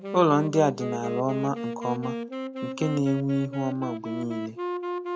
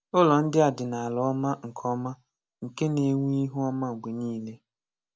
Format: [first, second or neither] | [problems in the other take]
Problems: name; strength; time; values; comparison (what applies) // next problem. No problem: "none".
second | background sound (Wind instrument, woodwind instrument); 6 dB below the speech